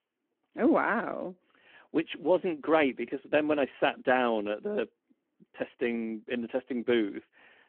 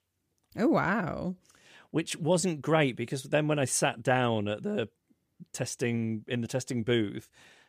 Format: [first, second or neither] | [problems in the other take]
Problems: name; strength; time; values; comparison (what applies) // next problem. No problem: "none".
second | phone-call audio